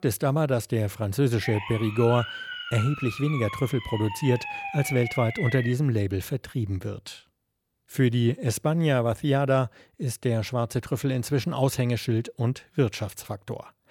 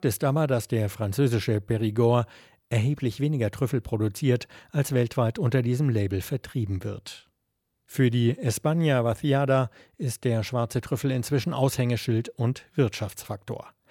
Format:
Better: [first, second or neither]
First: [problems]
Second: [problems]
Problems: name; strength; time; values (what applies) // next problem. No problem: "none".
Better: second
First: siren; noticeable; from 1.5 to 5.5 s; peak 6 dB below the speech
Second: none